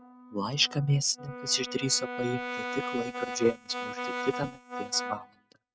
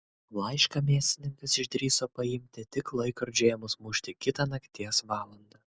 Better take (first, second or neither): second